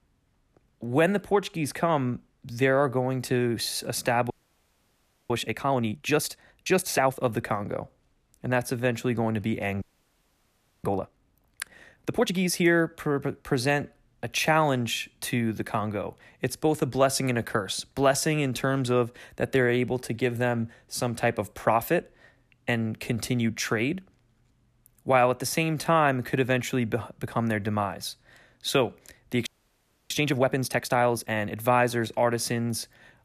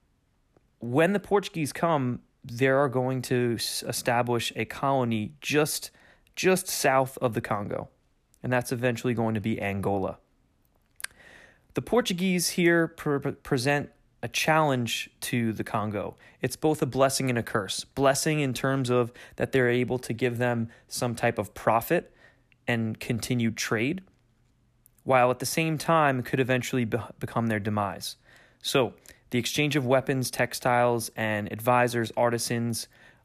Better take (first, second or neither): second